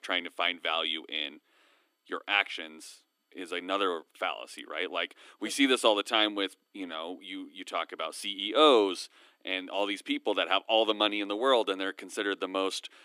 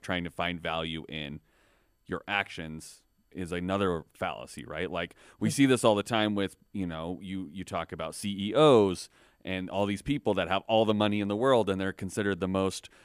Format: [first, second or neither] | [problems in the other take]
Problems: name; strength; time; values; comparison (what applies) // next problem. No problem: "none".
second | thin; very slightly; fading below 300 Hz